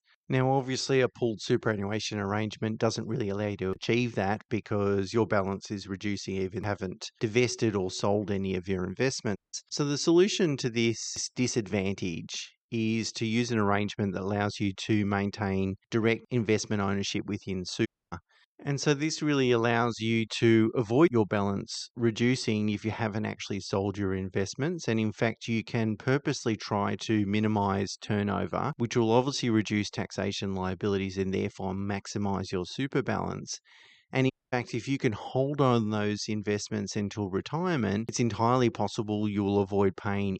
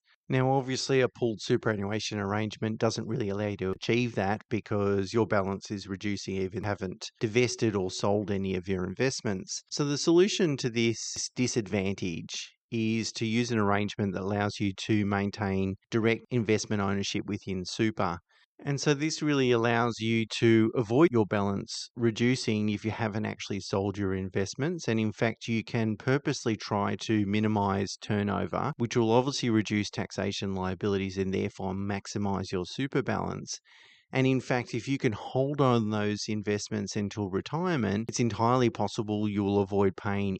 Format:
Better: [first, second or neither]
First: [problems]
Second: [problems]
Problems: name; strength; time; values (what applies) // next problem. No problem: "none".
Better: second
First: audio cutting out; at 9.5 s, at 18 s and at 34 s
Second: none